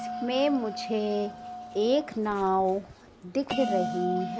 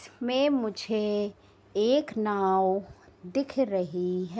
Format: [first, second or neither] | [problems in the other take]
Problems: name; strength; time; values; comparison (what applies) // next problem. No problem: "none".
second | background sound (Bell); 7 dB below the speech